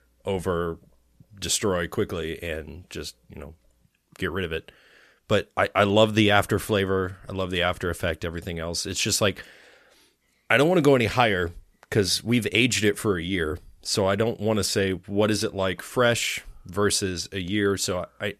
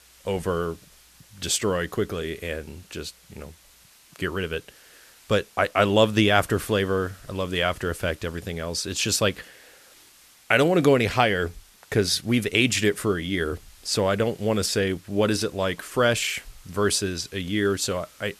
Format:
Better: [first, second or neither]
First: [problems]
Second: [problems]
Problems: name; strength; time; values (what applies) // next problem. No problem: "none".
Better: first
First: none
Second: hiss; faint; throughout; 25 dB below the speech